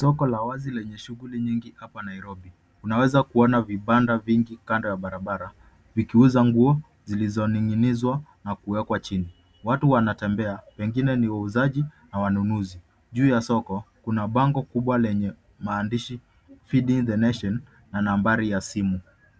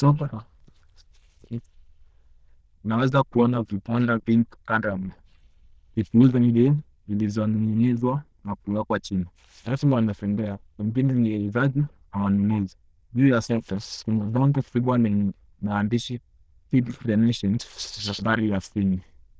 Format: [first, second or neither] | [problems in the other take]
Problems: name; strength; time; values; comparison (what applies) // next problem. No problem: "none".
first | noise reduction (neural diffusion model UNIVERSE++)